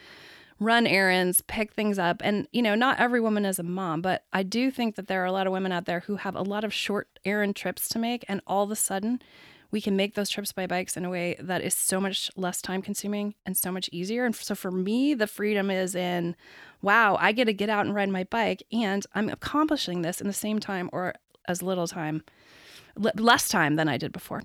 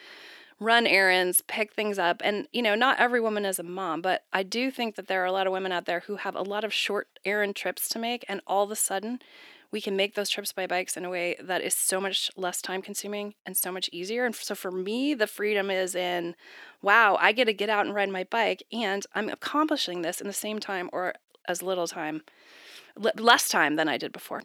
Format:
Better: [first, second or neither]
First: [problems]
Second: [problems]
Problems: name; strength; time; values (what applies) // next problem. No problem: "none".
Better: first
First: none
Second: thin; somewhat; fading below 350 Hz